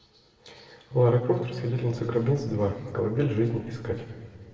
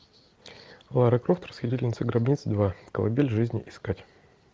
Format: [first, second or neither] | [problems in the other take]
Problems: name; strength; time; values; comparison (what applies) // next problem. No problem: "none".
second | room echo; dies away in 2 s